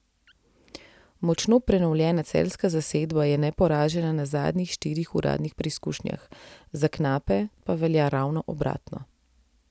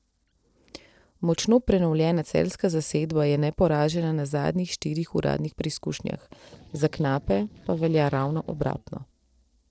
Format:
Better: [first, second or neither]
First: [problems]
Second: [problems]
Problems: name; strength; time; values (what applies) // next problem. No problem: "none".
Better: first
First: none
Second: noise reduction (neural separator model SepFormer DNS4)